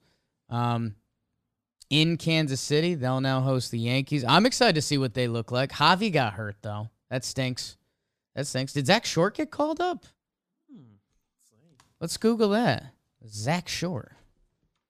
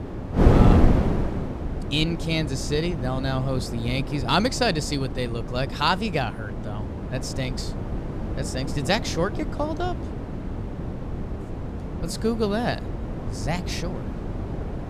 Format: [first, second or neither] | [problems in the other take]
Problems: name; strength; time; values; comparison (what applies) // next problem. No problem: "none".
first | wind noise on the microphone; heavy; 6 dB below the speech